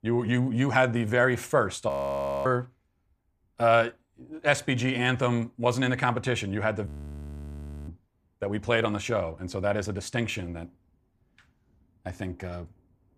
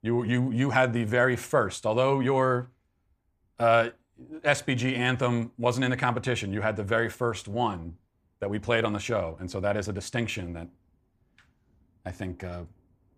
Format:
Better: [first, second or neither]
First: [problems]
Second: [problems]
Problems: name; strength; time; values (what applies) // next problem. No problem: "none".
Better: second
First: audio freezing; at 2 s for 0.5 s and at 7 s for 1 s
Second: none